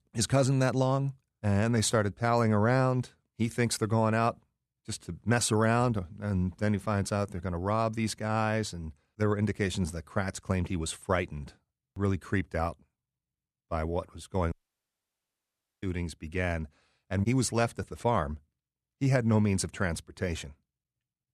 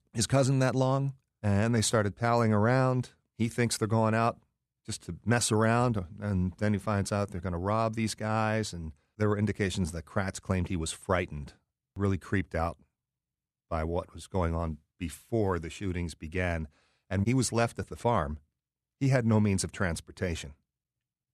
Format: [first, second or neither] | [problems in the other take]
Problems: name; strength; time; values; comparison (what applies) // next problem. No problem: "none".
second | audio cutting out; at 15 s for 1.5 s